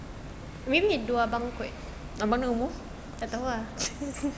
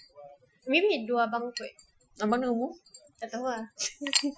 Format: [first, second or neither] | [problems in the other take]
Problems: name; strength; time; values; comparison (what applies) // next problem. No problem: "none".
first | noise reduction (classical method Wiener filter)